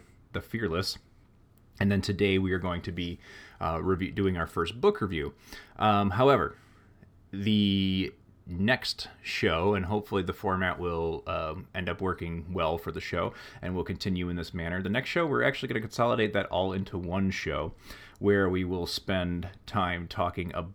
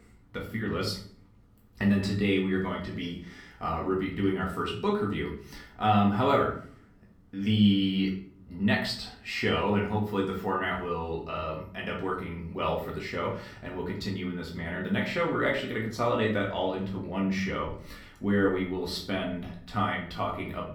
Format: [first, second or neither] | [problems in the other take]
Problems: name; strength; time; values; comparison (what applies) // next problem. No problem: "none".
first | off-mic speech; far // room echo; slight; dies away in 0.4 s